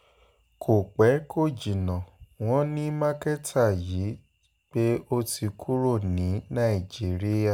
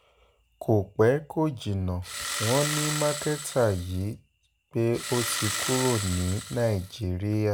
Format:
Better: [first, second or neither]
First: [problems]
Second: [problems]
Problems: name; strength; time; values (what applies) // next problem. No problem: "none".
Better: first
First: none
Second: background sound (Engine starting); 6 dB below the speech